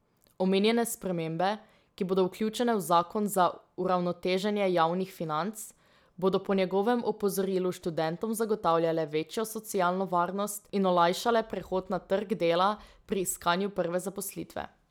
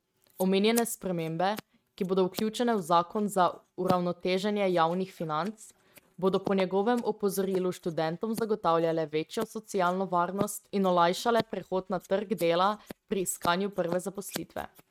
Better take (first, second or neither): first